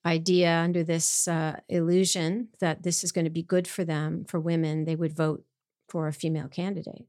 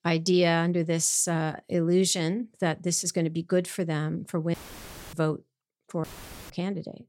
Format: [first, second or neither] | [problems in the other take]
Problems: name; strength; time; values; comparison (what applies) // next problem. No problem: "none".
first | audio cutting out; filled with static; at 4.5 s for 0.5 s and at 6 s